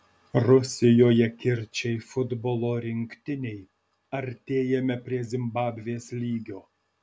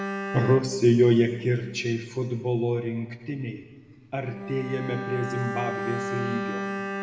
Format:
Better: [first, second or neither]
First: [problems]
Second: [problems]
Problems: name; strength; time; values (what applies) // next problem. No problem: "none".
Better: first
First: none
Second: background sound (Bowed string instrument); 8 dB below the speech // room echo; dies away in 1.4 s